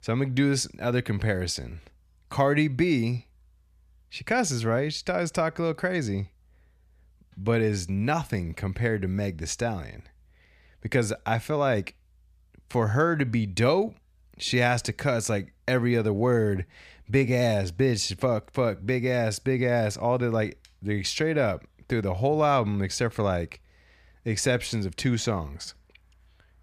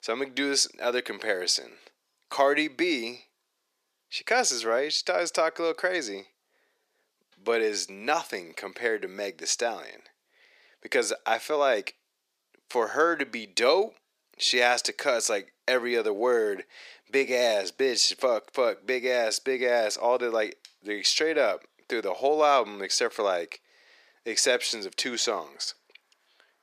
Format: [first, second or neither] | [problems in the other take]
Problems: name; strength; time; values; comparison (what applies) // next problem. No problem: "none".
first | thin; very; fading below 350 Hz